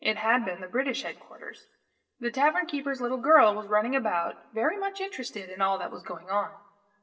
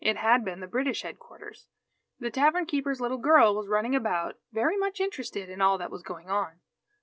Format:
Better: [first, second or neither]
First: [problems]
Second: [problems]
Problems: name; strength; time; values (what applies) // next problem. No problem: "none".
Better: second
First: room echo; dies away in 0.7 s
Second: none